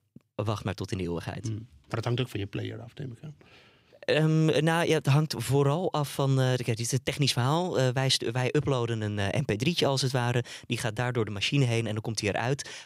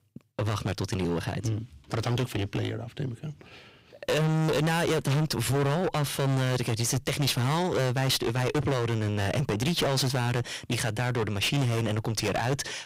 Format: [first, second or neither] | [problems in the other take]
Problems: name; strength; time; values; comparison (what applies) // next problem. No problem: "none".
first | distortion; heavy; 29% of the sound clipped